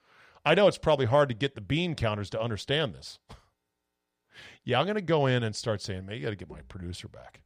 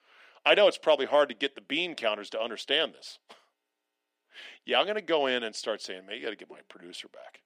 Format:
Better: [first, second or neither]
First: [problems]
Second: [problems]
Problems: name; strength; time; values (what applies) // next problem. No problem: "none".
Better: first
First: none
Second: thin; somewhat; fading below 250 Hz